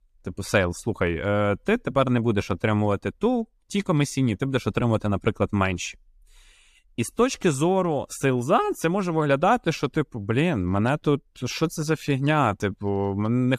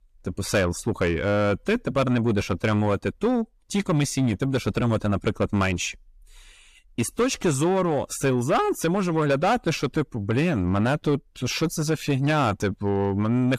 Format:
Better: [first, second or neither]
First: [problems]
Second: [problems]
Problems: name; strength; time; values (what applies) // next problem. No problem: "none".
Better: first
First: none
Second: distortion; slight; 10 dB below the speech